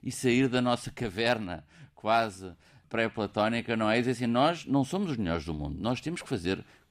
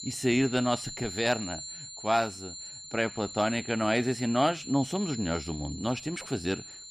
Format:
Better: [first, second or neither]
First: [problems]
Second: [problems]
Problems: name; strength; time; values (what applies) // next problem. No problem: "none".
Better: first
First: none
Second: high-pitched whine; noticeable; throughout; 7 kHz, 10 dB below the speech